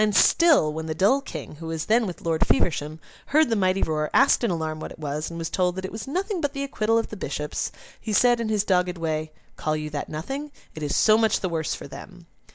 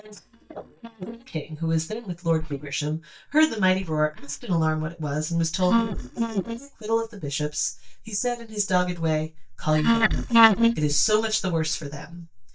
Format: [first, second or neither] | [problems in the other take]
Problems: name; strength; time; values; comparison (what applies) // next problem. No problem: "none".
first | noise reduction (neural mask model DeepFilterNet 3)